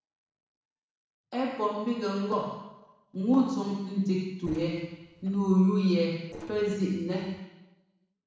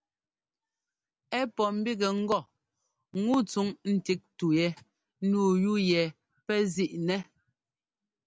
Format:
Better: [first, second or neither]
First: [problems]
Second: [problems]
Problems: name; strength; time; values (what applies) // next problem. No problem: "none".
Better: second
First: noise reduction (neural separator model SepFormer DNS4)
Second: none